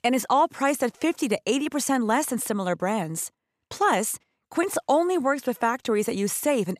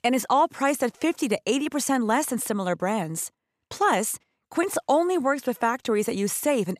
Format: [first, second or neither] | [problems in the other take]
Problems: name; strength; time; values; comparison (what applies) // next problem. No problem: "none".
neither | none